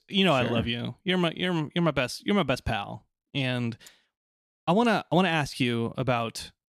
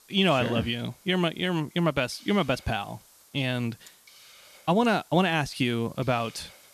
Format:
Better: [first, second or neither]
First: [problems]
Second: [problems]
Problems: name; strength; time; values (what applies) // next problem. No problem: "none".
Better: first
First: none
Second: hiss; faint; throughout; 25 dB below the speech